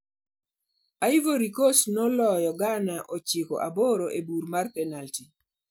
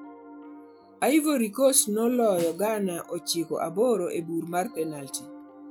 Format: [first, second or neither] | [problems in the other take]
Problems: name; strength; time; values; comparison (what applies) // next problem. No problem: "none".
first | background sound (Piano + Snare drum); 19 dB below the speech